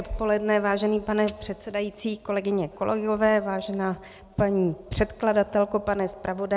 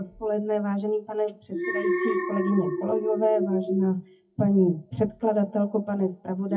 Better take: first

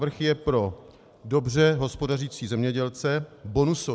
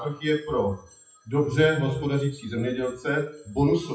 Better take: first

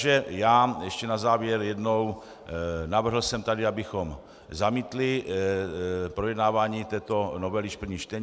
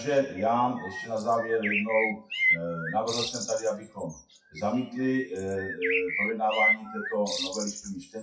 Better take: first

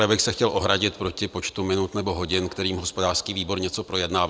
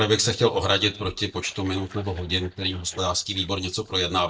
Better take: first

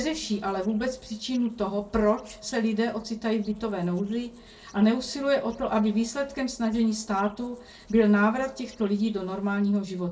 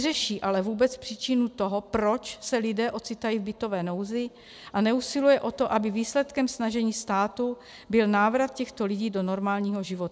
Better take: second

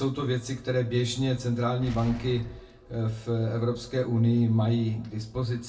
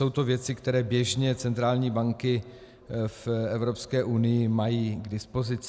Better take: second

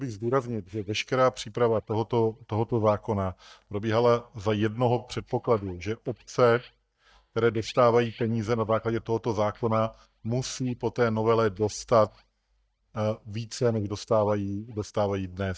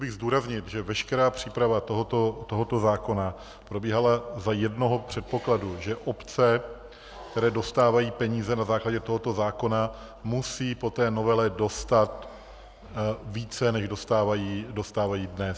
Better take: second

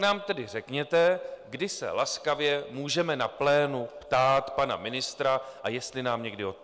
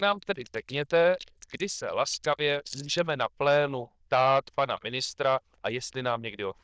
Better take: first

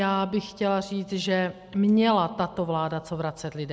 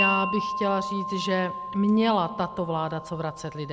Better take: first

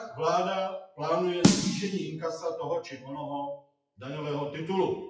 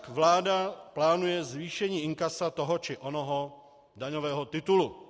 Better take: second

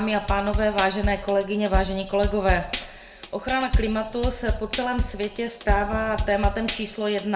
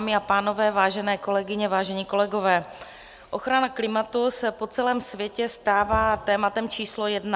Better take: second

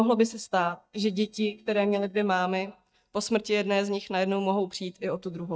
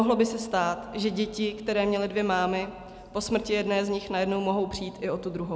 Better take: second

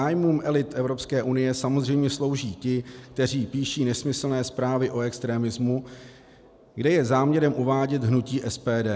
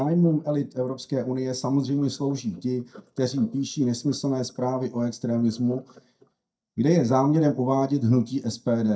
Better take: first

